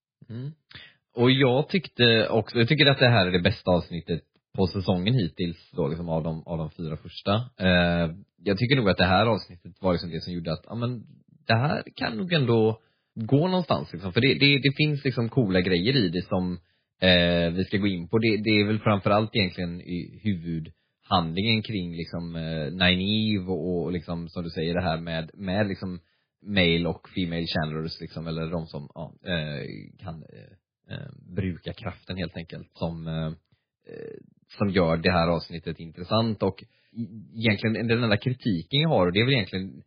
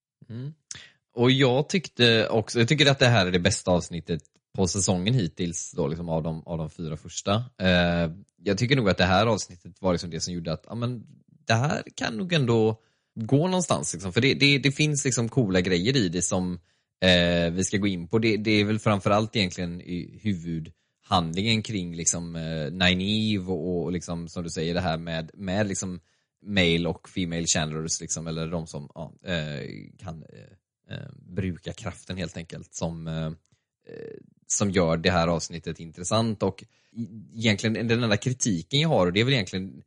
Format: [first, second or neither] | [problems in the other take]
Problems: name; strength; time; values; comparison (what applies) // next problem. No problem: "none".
second | garbled, watery; badly; nothing above 4 kHz; slightly in the second